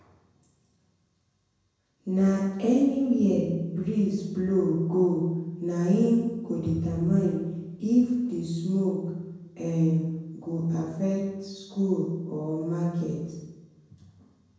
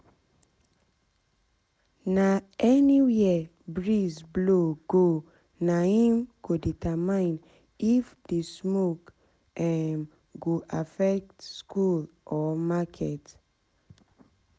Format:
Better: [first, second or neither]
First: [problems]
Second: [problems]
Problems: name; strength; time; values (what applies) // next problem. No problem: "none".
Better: second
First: room echo; dies away in 1 s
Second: none